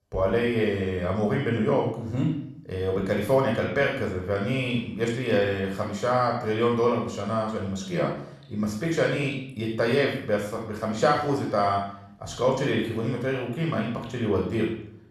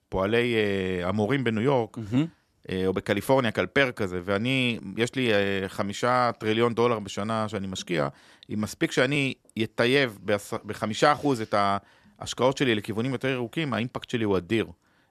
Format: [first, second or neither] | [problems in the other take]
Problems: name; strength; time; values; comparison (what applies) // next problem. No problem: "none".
second | off-mic speech; somewhat distant // room echo; noticeable; dies away in 0.6 s